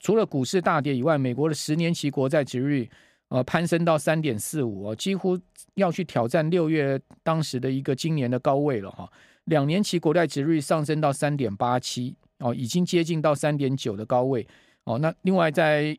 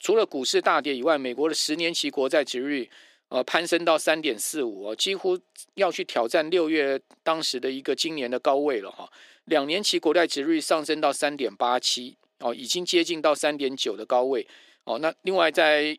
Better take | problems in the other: first | thin; somewhat; fading below 350 Hz

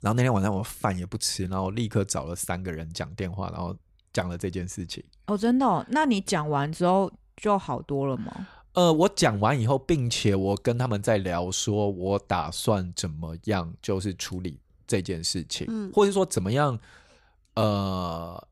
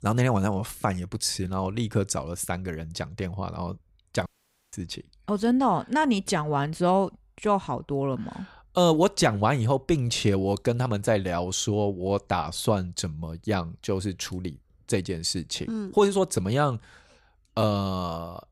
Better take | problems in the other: first | audio cutting out; at 4.5 s

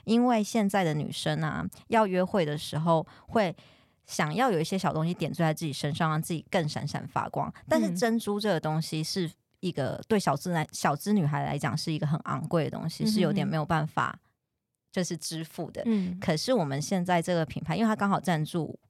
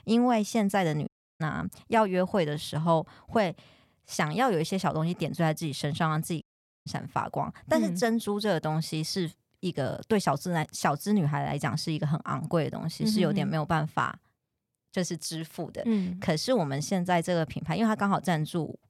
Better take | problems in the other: first | audio cutting out; at 1 s and at 6.5 s

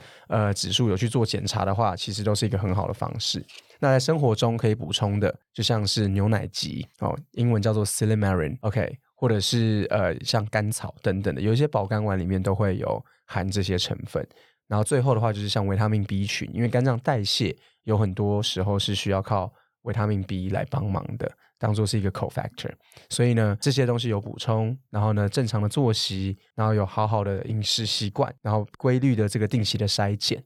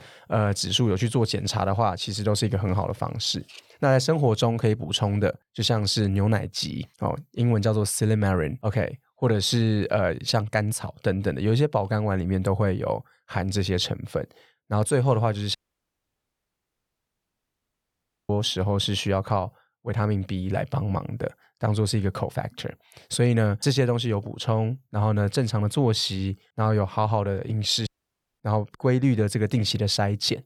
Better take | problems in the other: first | audio cutting out; at 16 s for 2.5 s and at 28 s for 0.5 s

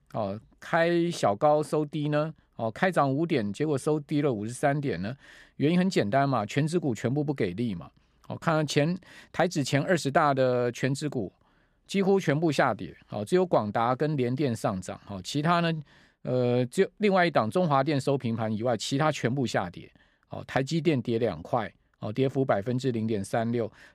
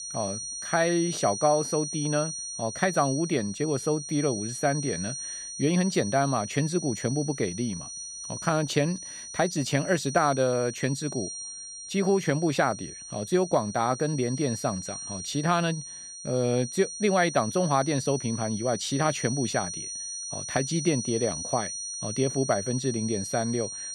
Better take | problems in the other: first | high-pitched whine; loud; throughout; 6 kHz, 7 dB below the speech

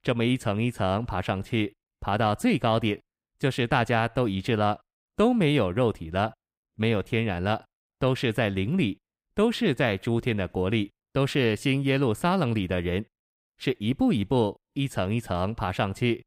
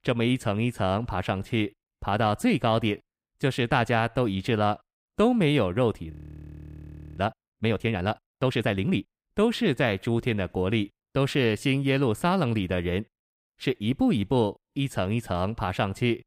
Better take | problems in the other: first | audio freezing; at 6 s for 1 s

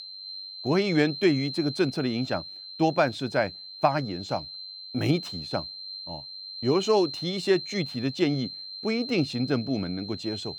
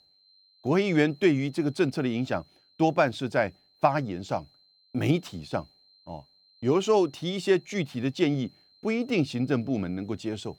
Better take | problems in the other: second | high-pitched whine; loud; throughout; 4 kHz, 9 dB below the speech; faint in the second

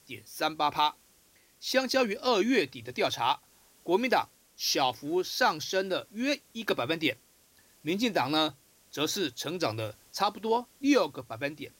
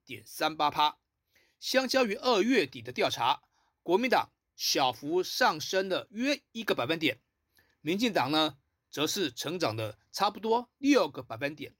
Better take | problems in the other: second | hiss; faint; throughout; 30 dB below the speech

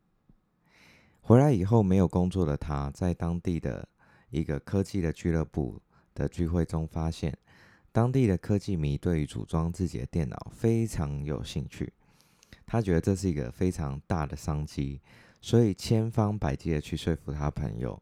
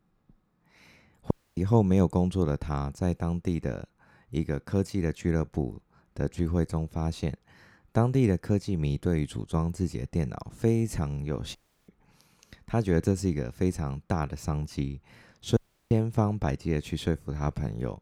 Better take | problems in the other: first | audio cutting out; at 1.5 s, at 12 s and at 16 s

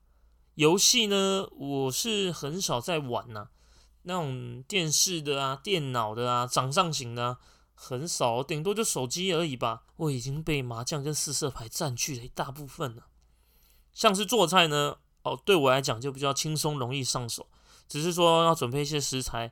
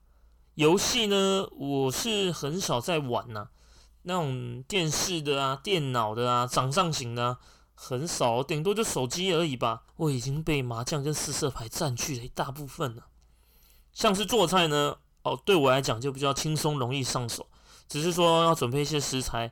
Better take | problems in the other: first | distortion; slight; 9 dB below the speech

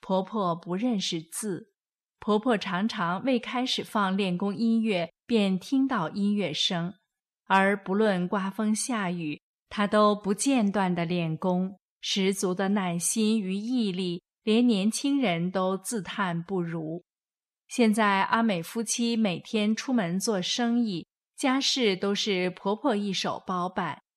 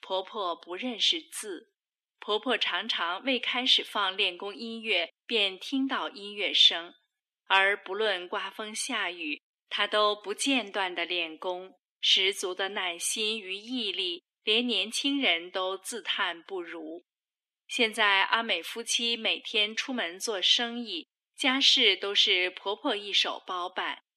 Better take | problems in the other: first | thin; somewhat; fading below 250 Hz

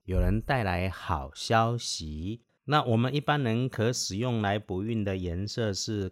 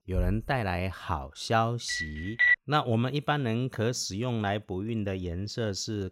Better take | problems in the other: first | phone ringing; loud; at 2 s; peak 8 dB above the speech

